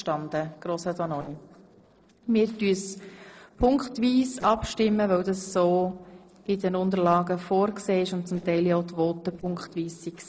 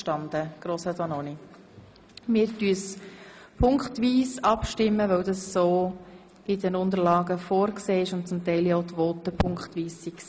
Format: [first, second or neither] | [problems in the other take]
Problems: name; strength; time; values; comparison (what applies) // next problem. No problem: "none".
second | noise reduction (neural separator model SepFormer DNS4)